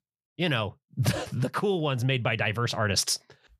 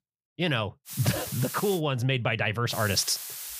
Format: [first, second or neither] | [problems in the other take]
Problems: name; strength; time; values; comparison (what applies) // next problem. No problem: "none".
first | hiss; loud; at 1 s and at 2.5 s; 8 dB below the speech